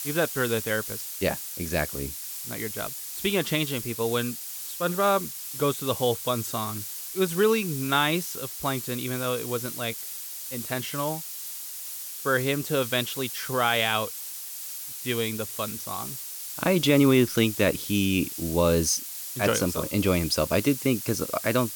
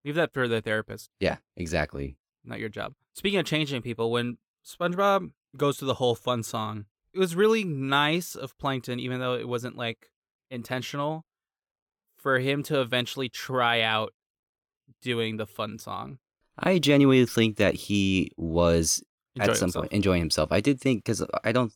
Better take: second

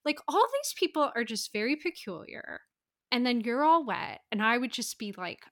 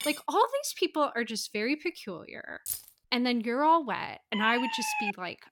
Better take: first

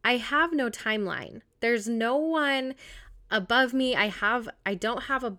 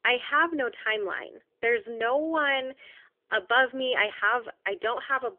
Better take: first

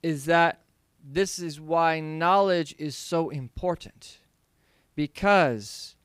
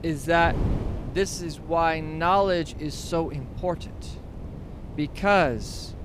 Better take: first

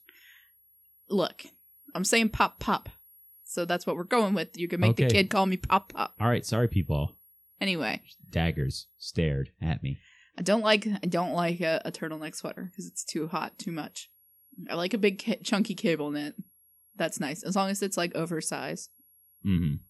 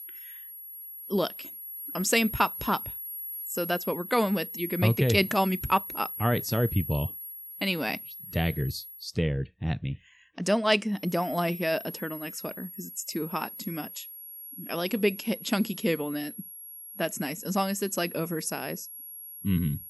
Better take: first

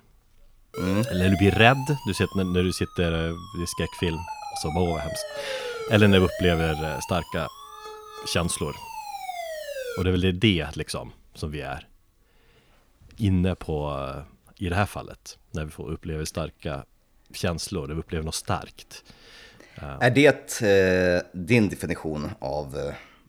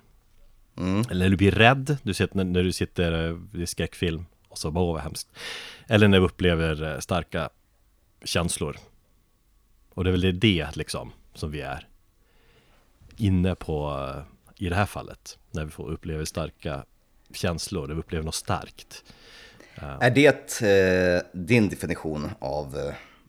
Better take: second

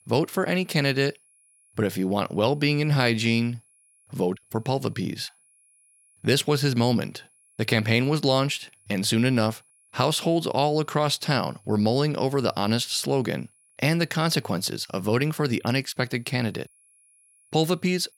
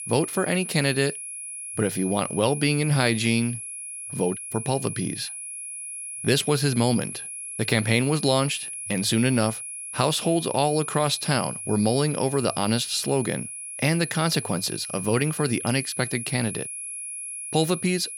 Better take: first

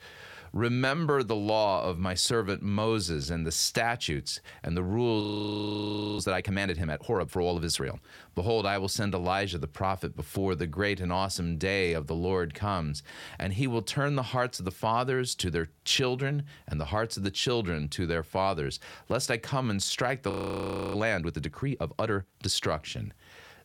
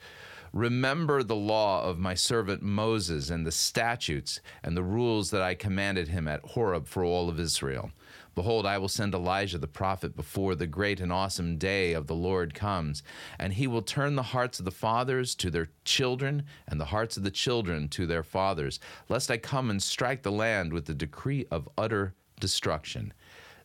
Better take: second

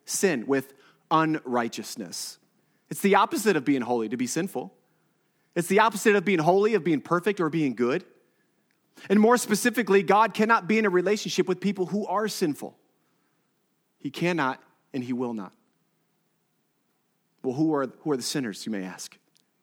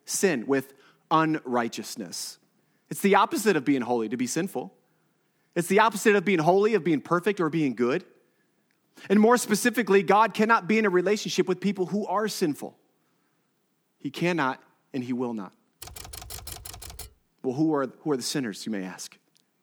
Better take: first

